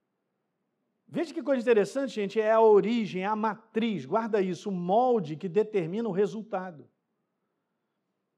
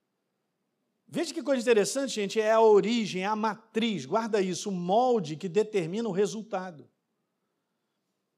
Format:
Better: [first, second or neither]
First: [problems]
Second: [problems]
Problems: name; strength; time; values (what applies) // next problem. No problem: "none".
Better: second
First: muffled; slightly; fading above 3.5 kHz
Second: none